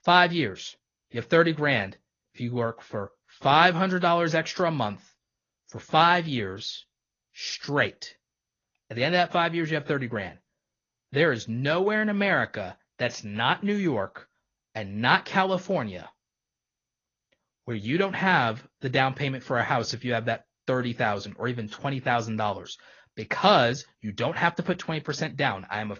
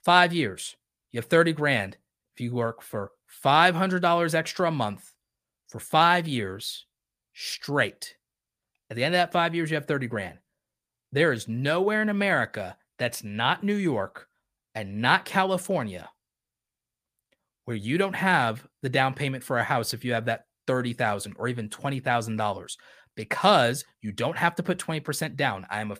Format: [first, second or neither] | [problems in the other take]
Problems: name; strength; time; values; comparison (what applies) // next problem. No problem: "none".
second | garbled, watery; slightly; nothing above 6.5 kHz